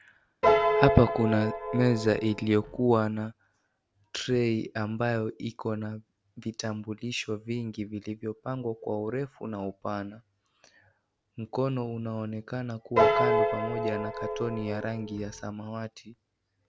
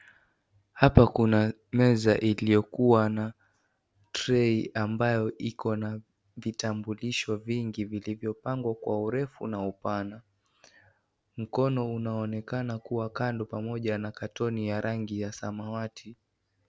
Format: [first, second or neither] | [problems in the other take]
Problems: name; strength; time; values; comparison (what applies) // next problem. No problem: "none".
second | background sound (Piano); 3 dB above the speech